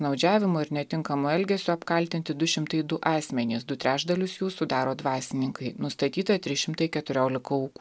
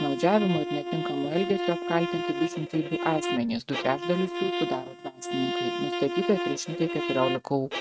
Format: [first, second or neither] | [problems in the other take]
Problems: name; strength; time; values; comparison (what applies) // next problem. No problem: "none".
first | noise reduction (neural mask model RNNoise)